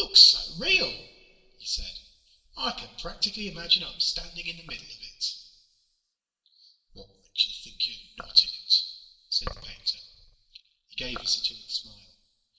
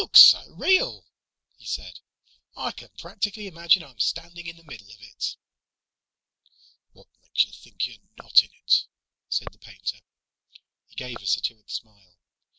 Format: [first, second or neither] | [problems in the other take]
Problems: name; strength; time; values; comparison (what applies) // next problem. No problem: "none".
second | room echo; dies away in 1.9 s